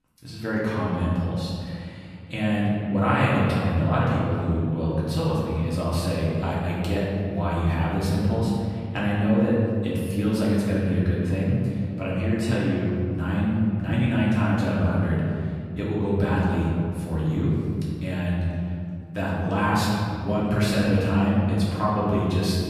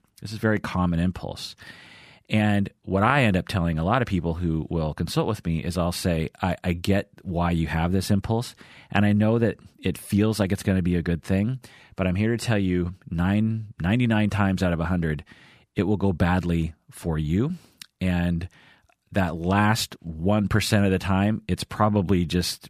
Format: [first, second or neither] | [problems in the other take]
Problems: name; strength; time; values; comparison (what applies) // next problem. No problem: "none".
second | room echo; strong; dies away in 2.3 s // off-mic speech; far